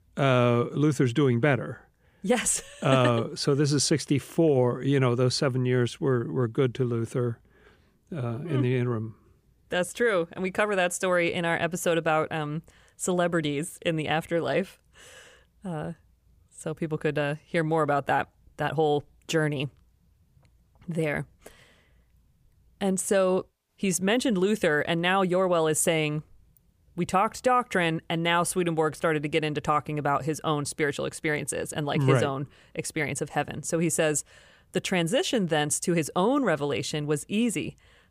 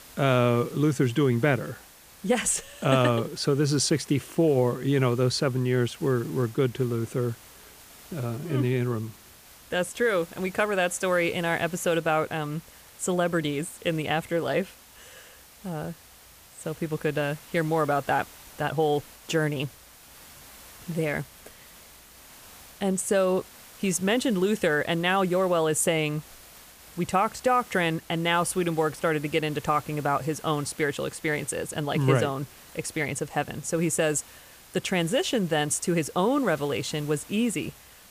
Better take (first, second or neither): first